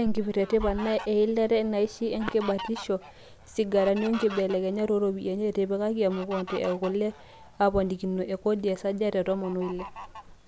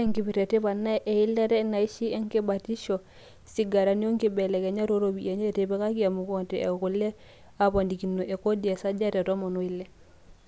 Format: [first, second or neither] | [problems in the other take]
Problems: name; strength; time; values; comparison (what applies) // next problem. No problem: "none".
second | background sound (Fowl); 15 dB below the speech